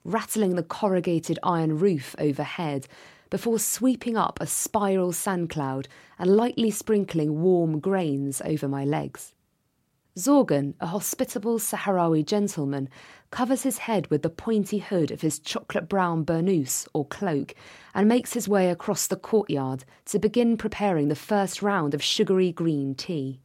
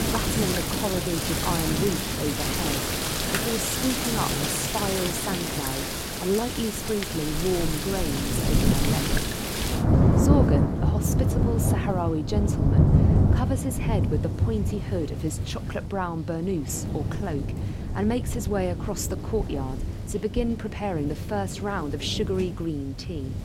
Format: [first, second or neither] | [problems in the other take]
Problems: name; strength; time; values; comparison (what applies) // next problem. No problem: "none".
first | rain or running water; very loud; throughout; 4 dB above the speech